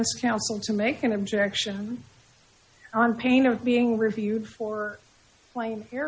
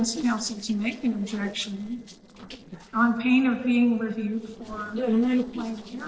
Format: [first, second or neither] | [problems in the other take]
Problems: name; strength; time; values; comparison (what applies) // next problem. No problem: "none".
first | noise reduction (neural separator model SepFormer DNS4)